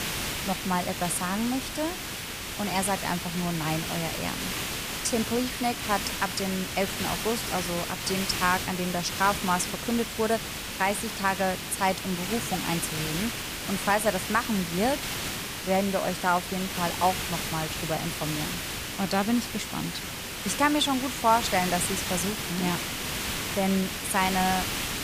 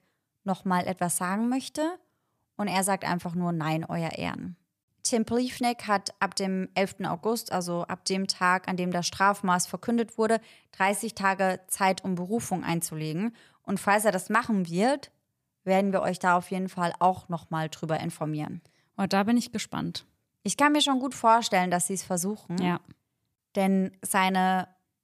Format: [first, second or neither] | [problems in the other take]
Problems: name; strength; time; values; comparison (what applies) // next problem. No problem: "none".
second | hiss; loud; throughout; 3 dB below the speech